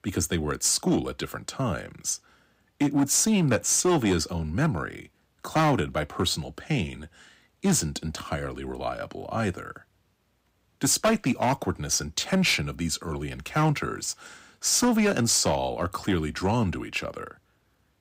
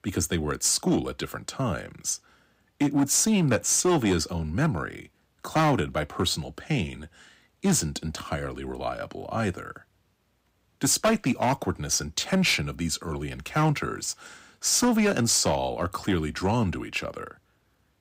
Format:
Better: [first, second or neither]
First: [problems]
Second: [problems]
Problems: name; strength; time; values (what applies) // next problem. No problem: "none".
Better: neither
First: distortion; slight; 4% of the sound clipped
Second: distortion; slight; 4% of the sound clipped